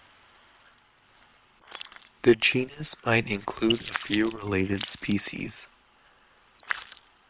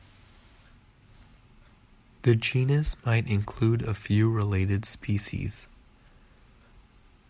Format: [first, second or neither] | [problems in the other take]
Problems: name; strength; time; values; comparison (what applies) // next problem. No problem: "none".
second | noise reduction (neural separator model SepFormer WHAM!)